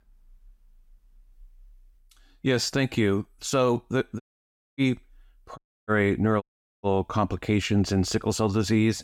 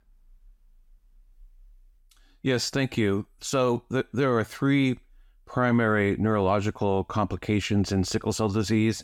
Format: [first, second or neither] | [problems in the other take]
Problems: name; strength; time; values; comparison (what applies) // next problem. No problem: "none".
second | audio cutting out; at 4 s for 0.5 s, at 5.5 s and at 6.5 s